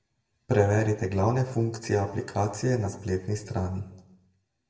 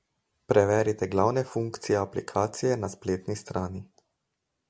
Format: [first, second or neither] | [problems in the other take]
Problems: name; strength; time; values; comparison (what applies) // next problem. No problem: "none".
second | room echo; dies away in 0.8 s